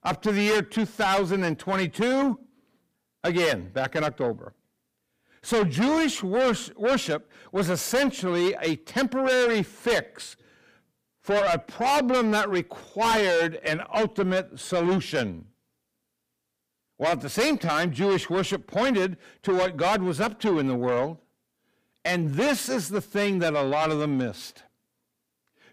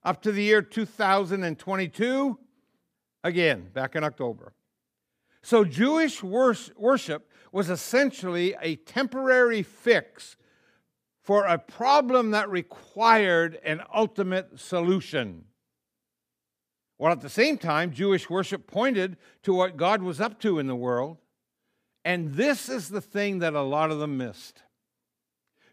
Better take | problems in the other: second | distortion; heavy; 6 dB below the speech

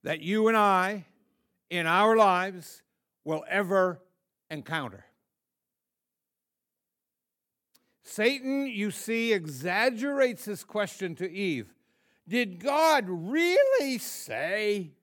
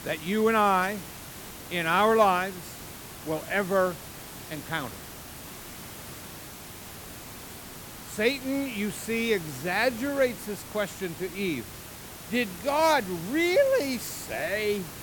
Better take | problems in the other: first | hiss; noticeable; throughout; 15 dB below the speech

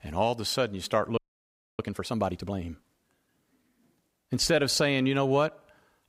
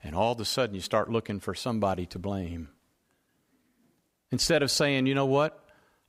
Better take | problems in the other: second | audio freezing; at 1 s for 0.5 s

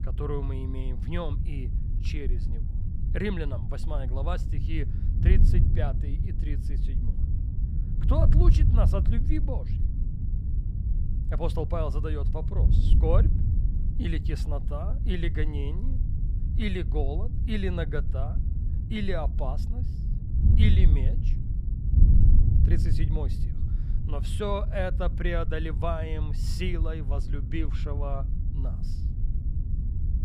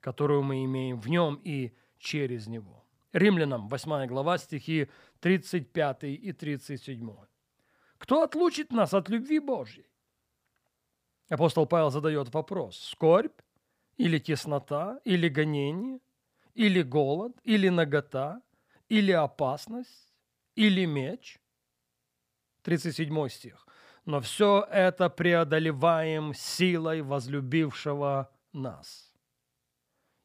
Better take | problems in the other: second | wind noise on the microphone; heavy; 8 dB below the speech

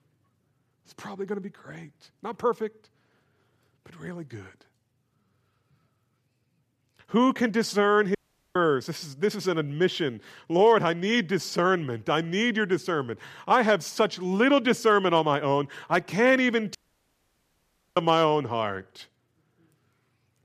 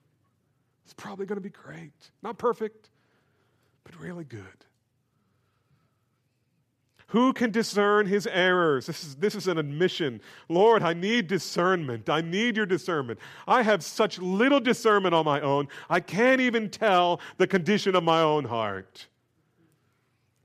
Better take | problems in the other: second | audio cutting out; at 8 s and at 17 s for 1 s

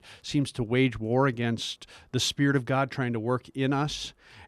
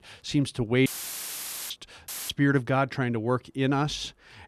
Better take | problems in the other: first | audio cutting out; filled with static; at 1 s for 1 s and at 2 s

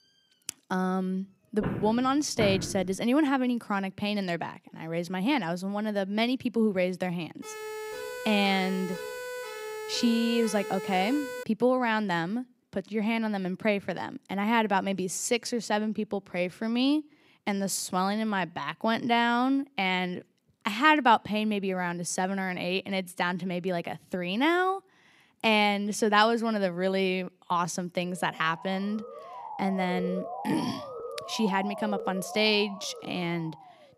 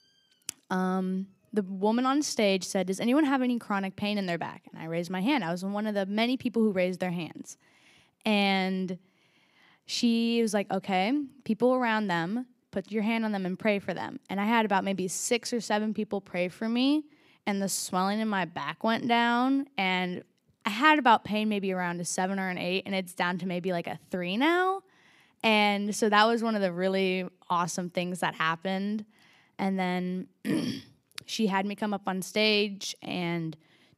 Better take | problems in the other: second | footsteps; noticeable; from 1.5 to 3 s; peak 5 dB below the speech // siren; noticeable; from 7.5 to 11 s and from 28 s on; peak 7 dB below the speech

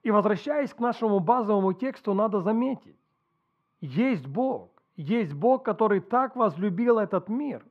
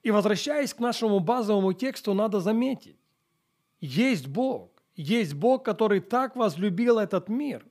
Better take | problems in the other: second | muffled; very; fading above 3.5 kHz

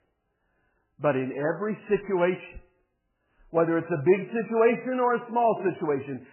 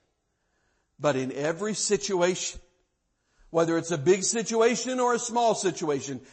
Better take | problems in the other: second | garbled, watery; badly; nothing above 2.5 kHz; slightly in the second

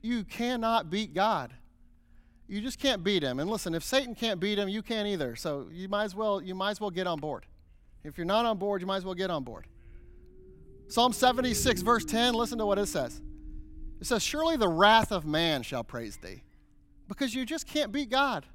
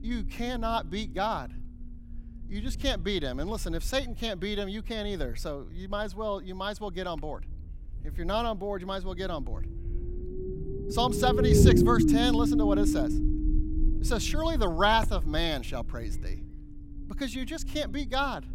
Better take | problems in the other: first | low rumble; loud; throughout; 1 dB below the speech; faint in the first

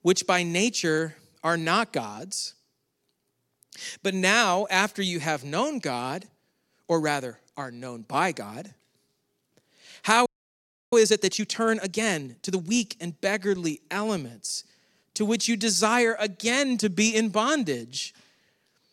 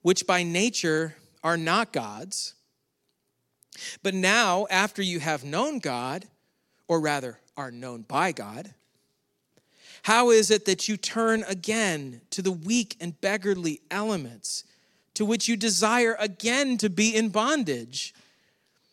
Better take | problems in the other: second | audio freezing; at 10 s for 0.5 s

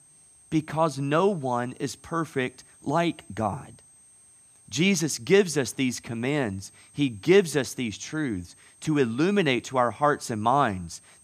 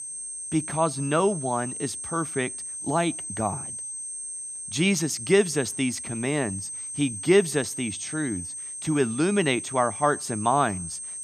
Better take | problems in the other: first | high-pitched whine; loud; throughout; 8.5 kHz, 7 dB below the speech; faint in the first

